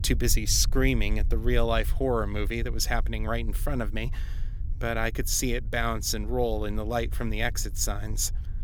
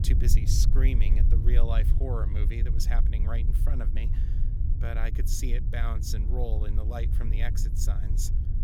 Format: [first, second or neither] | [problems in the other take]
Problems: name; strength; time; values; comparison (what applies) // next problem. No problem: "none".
first | low rumble; loud; throughout; 6 dB below the speech; faint in the first